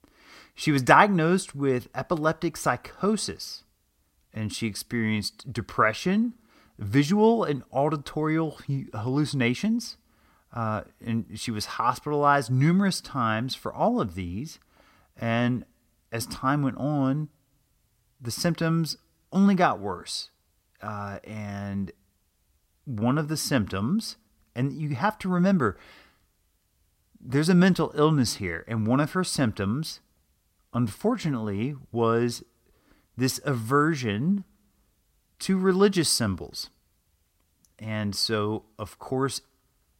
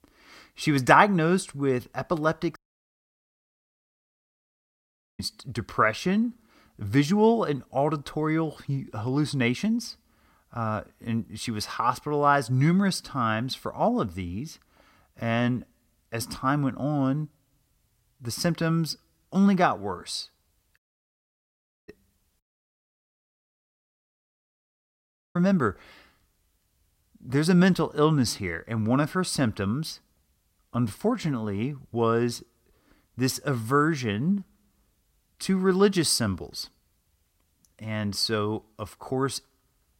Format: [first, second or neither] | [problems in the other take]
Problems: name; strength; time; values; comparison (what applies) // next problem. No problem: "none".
first | audio cutting out; at 2.5 s for 2.5 s, at 21 s for 1 s and at 22 s for 3 s